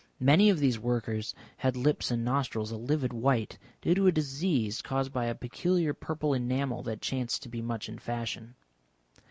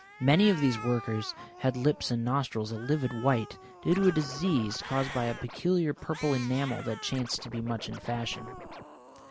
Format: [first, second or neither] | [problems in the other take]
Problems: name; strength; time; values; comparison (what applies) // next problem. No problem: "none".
first | background sound (Scratching (performance technique) + Cat); 14 dB below the speech